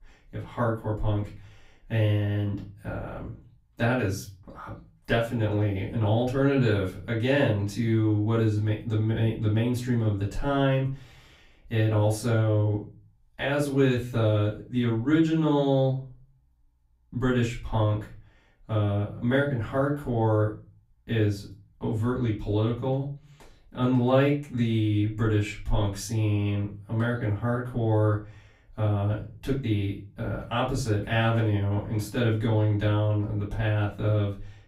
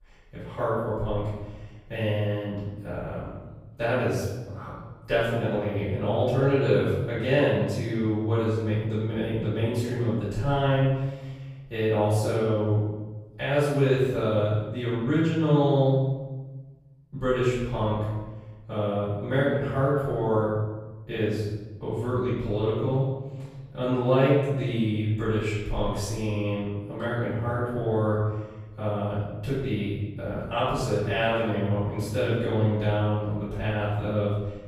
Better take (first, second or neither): first